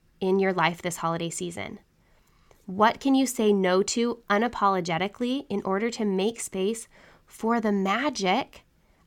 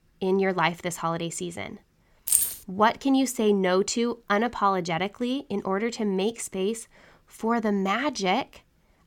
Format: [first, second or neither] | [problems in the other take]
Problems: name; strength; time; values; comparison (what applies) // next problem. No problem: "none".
first | jangling keys; loud; at 2.5 s; peak 4 dB above the speech